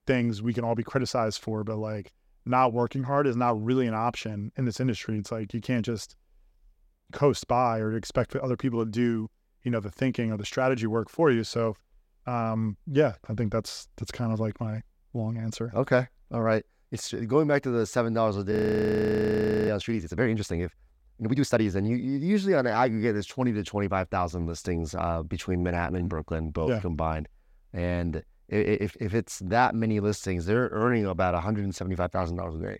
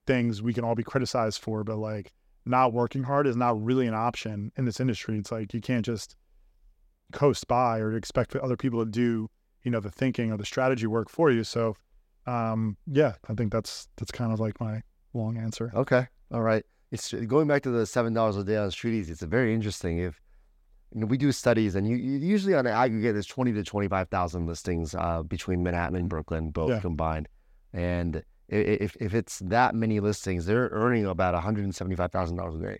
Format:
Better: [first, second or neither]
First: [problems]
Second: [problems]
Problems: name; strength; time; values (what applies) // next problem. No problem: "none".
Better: second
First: audio freezing; at 19 s for 1 s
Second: none